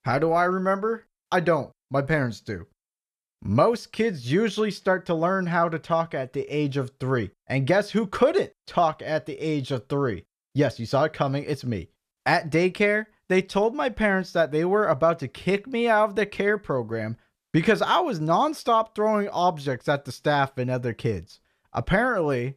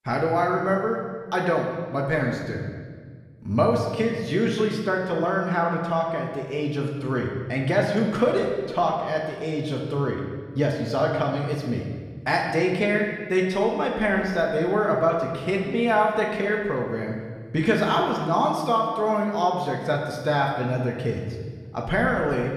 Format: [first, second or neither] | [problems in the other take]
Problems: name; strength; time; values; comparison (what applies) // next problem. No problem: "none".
first | room echo; noticeable; dies away in 1.4 s // off-mic speech; somewhat distant